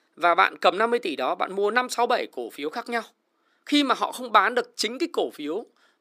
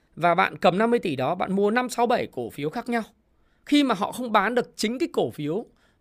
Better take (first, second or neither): second